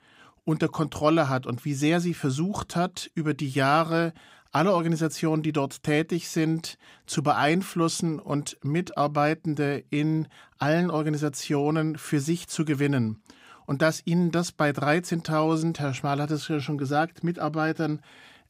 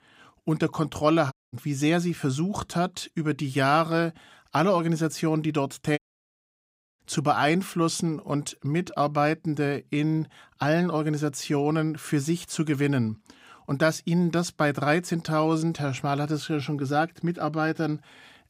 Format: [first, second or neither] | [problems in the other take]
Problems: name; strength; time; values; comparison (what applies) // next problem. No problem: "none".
first | audio cutting out; at 1.5 s and at 6 s for 1 s